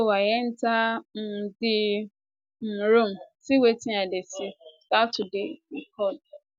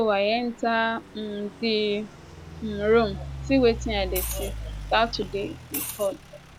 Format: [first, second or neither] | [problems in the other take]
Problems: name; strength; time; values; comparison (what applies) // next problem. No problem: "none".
first | background sound (Idling / Truck + Liquid); 10 dB below the speech